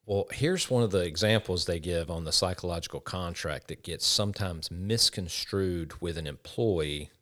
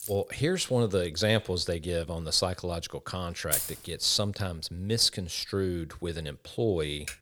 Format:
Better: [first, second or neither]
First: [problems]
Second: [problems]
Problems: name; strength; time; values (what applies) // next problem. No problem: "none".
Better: first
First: none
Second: jangling keys; faint; at the start; peak 10 dB below the speech // jangling keys; loud; at 3.5 s; peak 1 dB above the speech // keyboard typing; faint; at 7 s; peak 10 dB below the speech